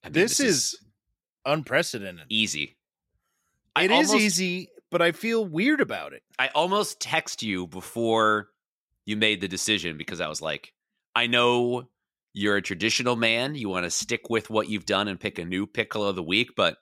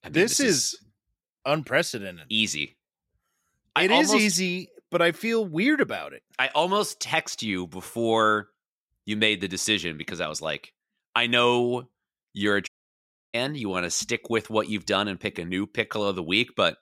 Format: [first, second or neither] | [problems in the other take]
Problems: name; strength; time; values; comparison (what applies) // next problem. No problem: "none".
first | audio cutting out; at 13 s for 0.5 s